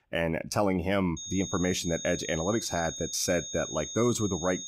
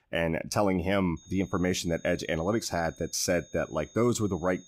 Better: second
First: high-pitched whine; loud; from 1 s on; 6.5 kHz, 7 dB below the speech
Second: high-pitched whine; faint; from 1 s on; 6.5 kHz, 25 dB below the speech

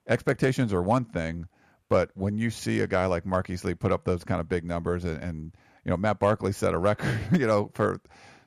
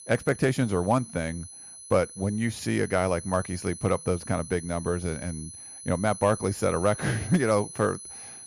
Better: first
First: none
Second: high-pitched whine; noticeable; throughout; 10.5 kHz, 15 dB below the speech

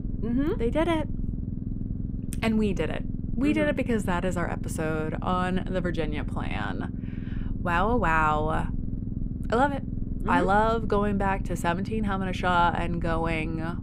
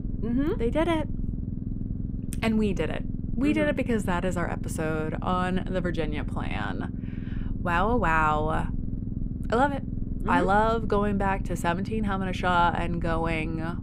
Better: neither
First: low rumble; noticeable; throughout; 15 dB below the speech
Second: low rumble; noticeable; throughout; 15 dB below the speech

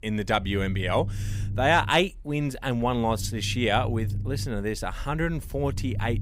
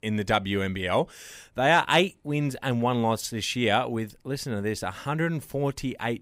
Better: second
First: low rumble; faint; throughout; 20 dB below the speech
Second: none

